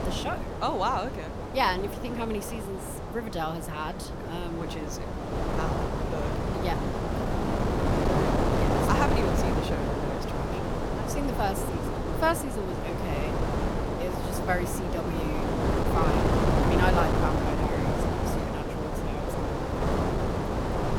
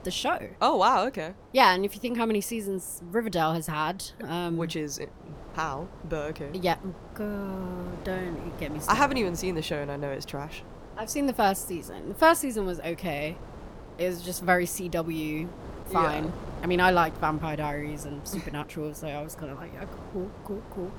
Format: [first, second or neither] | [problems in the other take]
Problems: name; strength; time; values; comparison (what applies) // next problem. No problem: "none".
second | wind noise on the microphone; heavy; 1 dB above the speech; occasional gusts in the second